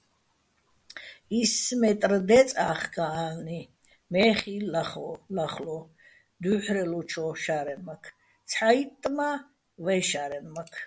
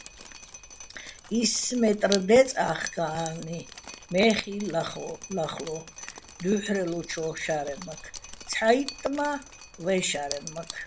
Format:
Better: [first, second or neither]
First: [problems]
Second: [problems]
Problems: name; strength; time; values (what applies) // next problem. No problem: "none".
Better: first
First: none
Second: background sound (Drip); 15 dB below the speech